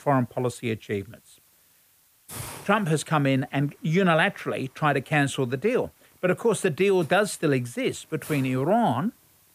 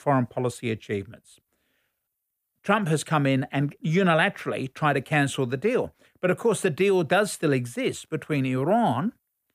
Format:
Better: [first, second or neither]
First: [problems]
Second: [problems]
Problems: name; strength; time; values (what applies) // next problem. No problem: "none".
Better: second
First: hiss; faint; throughout; 25 dB below the speech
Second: none